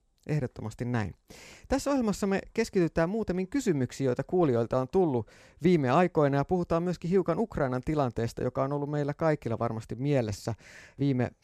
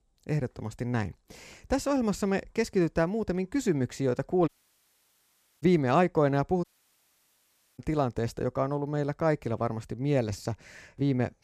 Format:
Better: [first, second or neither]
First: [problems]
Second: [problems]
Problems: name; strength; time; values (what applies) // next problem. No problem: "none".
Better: first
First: none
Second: audio cutting out; at 4.5 s for 1 s and at 6.5 s for 1 s